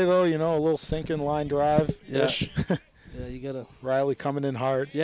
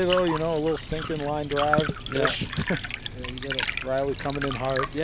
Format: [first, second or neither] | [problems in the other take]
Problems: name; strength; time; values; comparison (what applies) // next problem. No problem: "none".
first | background sound (Liquid); 5 dB below the speech